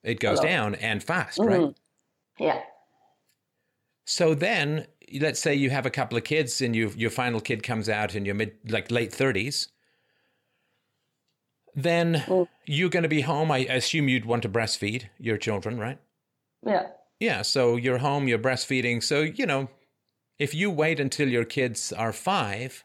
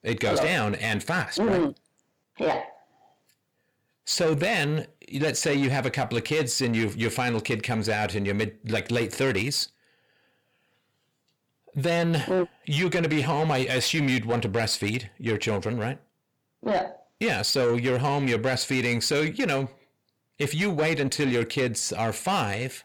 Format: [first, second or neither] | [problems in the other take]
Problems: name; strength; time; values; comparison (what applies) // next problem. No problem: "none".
first | distortion; slight; 10 dB below the speech